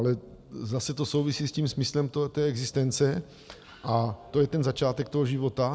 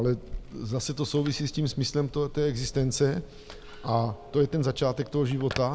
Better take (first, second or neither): first